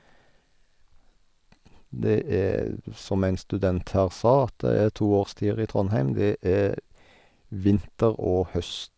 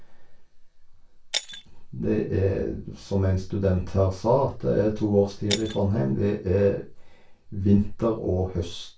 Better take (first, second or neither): first